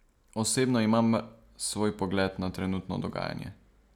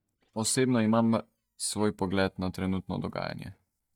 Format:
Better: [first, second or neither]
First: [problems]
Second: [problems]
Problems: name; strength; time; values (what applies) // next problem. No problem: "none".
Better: first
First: none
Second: noise reduction (neural mask model DeepFilterNet 3)